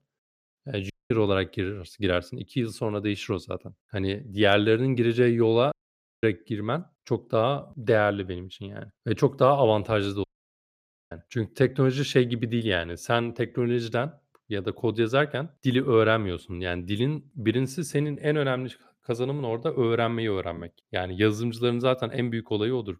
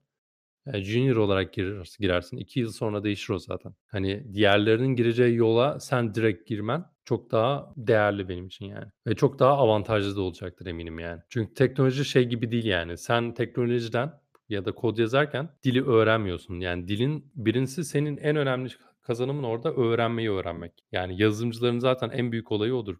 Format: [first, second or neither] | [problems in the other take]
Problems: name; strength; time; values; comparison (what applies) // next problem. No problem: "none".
second | audio cutting out; at 1 s, at 5.5 s for 0.5 s and at 10 s for 1 s